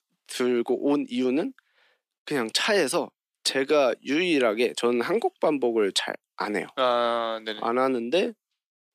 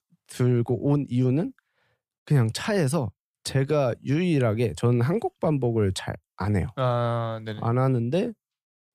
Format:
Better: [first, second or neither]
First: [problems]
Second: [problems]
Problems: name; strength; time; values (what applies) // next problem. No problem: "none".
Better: second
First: thin; somewhat; fading below 250 Hz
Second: none